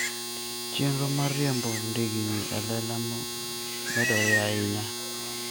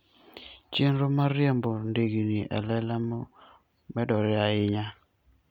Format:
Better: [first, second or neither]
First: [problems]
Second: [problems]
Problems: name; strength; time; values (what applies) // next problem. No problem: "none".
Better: second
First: background sound (Livestock, farm animals, working animals + Domestic sounds, home sounds); 1 dB below the speech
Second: none